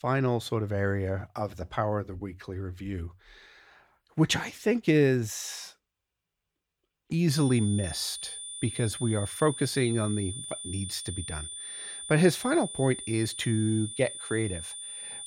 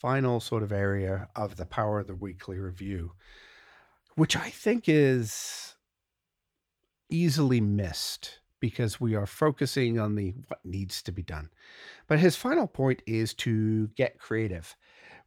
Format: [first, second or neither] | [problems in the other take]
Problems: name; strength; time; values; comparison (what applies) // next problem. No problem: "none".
second | high-pitched whine; loud; from 7.5 s on; 9.5 kHz, 8 dB below the speech